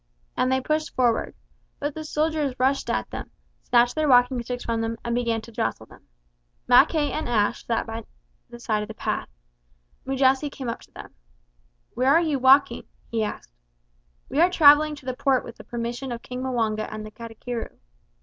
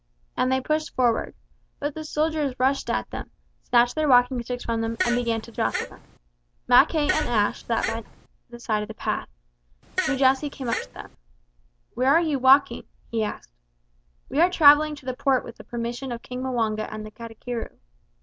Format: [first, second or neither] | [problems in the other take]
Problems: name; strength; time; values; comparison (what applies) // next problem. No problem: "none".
first | background sound (Fart); 7 dB below the speech